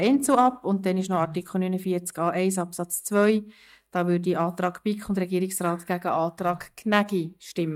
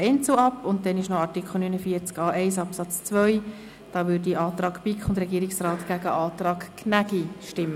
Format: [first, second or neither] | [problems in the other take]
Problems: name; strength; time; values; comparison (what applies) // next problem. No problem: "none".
second | noise reduction (neural mask model DeepFilterNet 3)